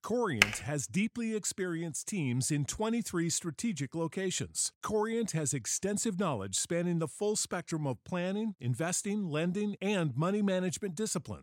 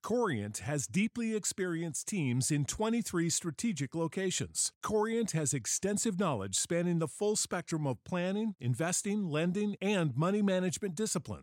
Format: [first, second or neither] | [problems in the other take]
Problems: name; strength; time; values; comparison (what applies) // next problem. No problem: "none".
second | keyboard typing; loud; at 0.5 s; peak 5 dB above the speech